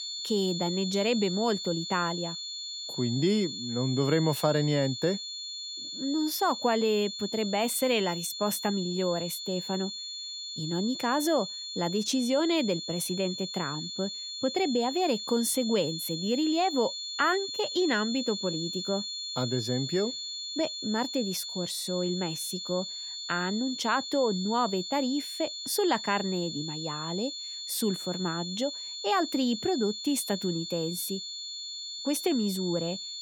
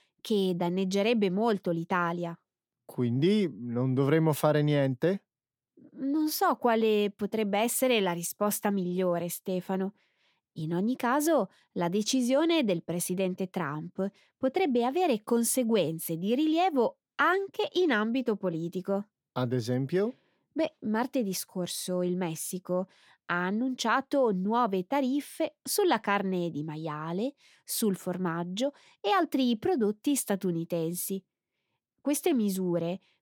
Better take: second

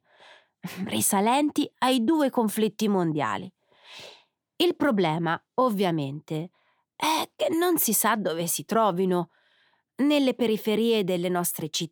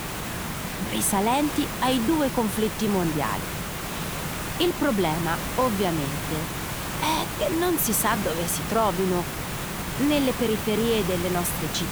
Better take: first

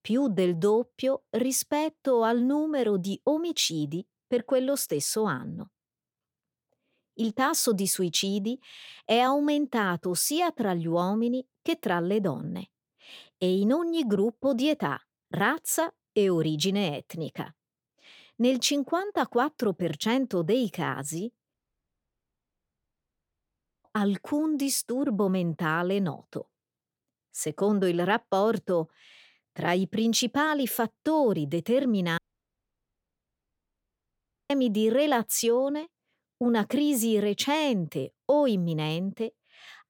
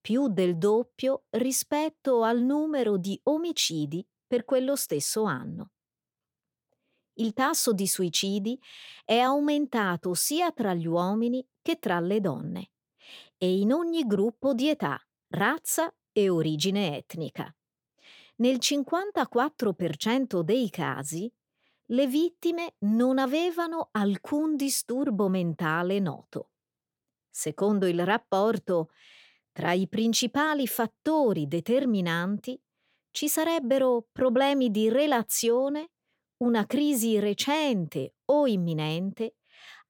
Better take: second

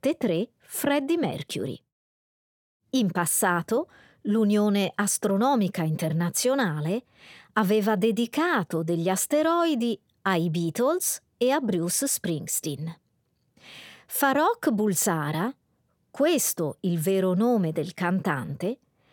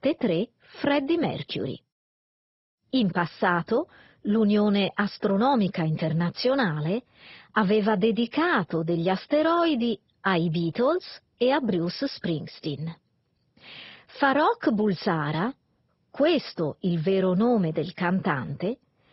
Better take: first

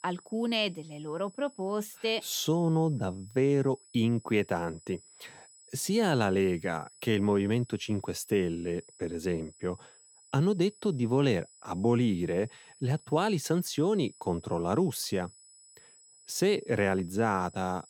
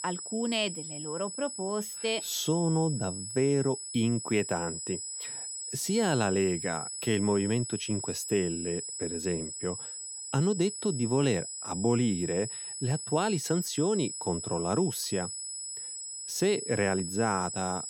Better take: first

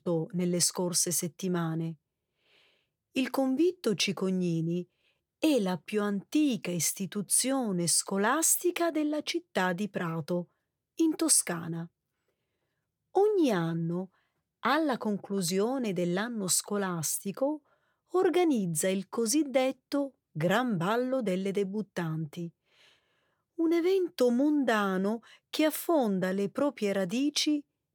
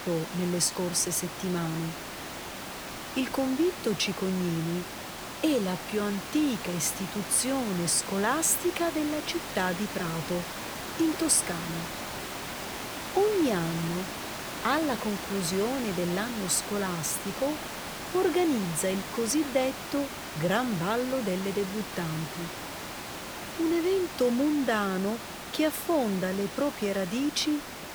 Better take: first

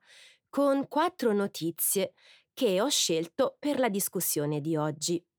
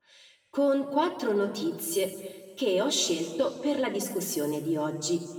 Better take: first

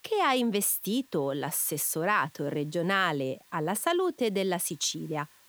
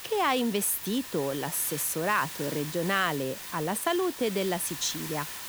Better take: first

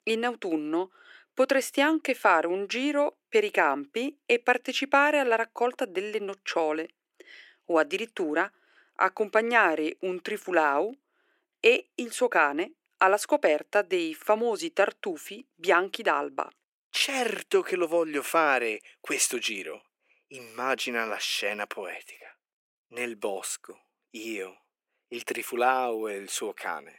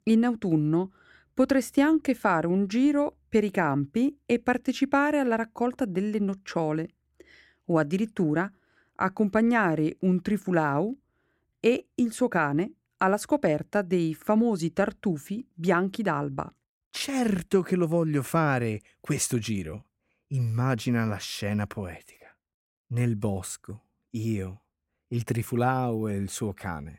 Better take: second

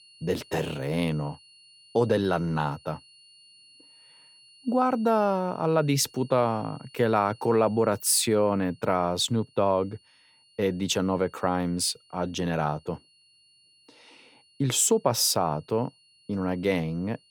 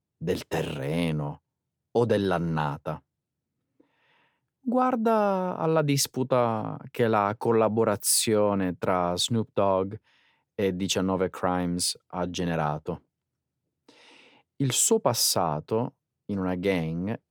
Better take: second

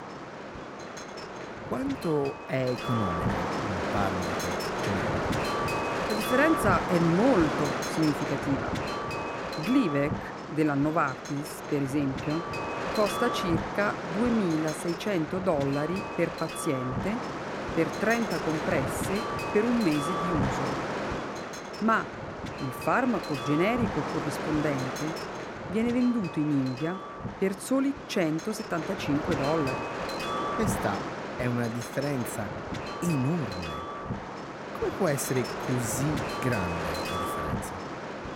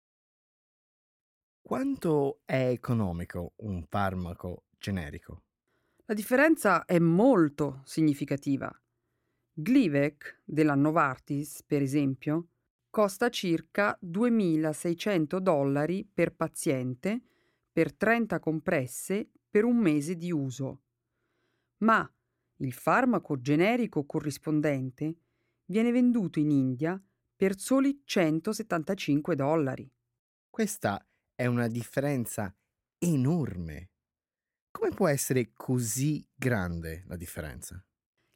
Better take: second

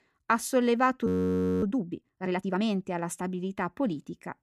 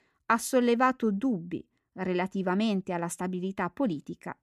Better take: second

